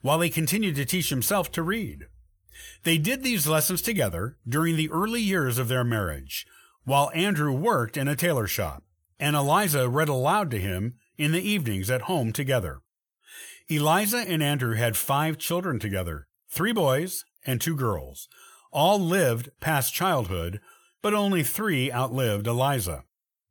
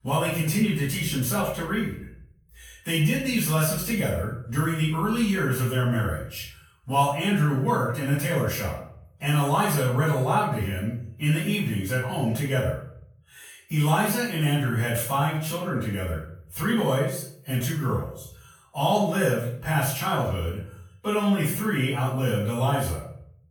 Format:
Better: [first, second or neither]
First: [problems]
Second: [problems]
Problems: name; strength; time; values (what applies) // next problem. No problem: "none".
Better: first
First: none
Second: off-mic speech; far // room echo; noticeable; dies away in 0.5 s